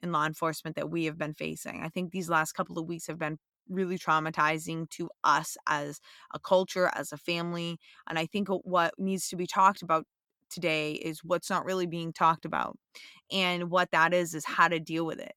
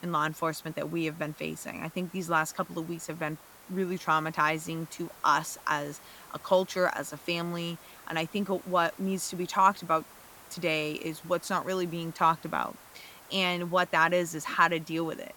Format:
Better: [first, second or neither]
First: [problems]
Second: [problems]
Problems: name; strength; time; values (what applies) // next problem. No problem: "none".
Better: first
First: none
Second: hiss; faint; throughout; 20 dB below the speech